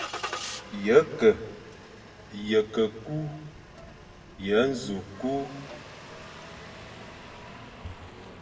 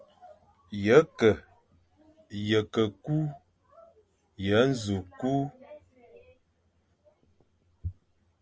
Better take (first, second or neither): second